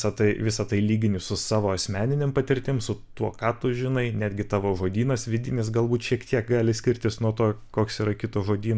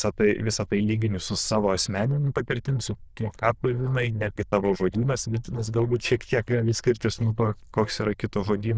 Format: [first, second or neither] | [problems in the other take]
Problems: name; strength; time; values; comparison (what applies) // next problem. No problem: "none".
first | noise reduction (neural diffusion model UNIVERSE++)